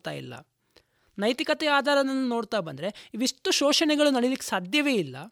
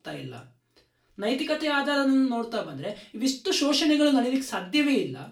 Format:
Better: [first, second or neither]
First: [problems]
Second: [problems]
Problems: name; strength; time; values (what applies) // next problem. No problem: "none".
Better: first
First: none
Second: off-mic speech; far // room echo; very slight; dies away in 0.3 s